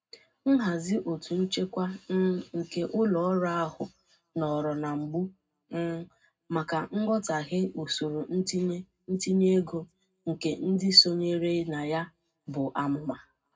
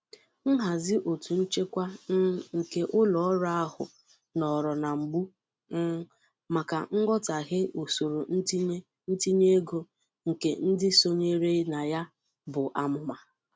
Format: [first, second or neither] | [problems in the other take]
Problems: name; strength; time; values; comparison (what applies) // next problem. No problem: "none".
second | room echo; dies away in 0.3 s